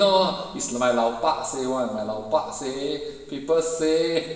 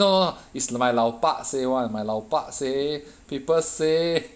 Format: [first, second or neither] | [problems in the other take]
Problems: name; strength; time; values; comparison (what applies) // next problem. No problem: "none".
second | room echo; dies away in 1.3 s